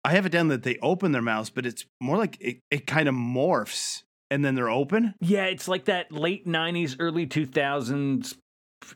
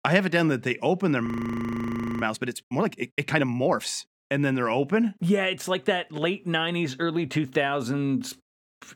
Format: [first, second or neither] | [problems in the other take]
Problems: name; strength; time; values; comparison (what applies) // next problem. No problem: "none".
first | audio freezing; at 1.5 s for 1 s